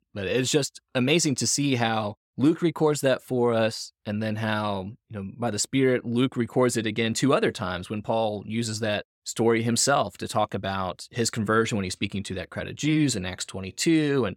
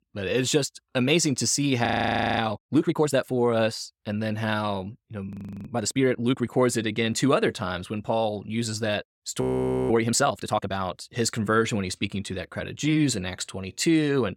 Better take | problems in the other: first | audio freezing; at 2 s for 0.5 s, at 5.5 s and at 9.5 s

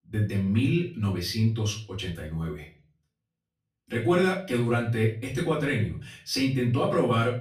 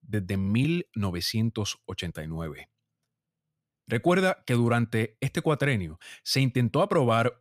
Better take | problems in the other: second | off-mic speech; far // room echo; slight; dies away in 0.3 s

